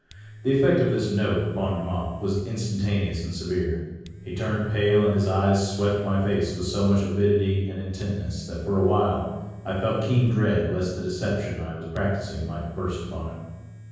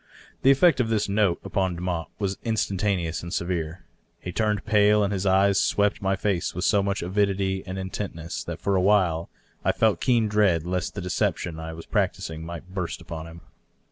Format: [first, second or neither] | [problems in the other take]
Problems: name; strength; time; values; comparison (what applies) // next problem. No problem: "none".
second | background sound (Domestic sounds, home sounds); 20 dB below the speech // room echo; dies away in 1.3 s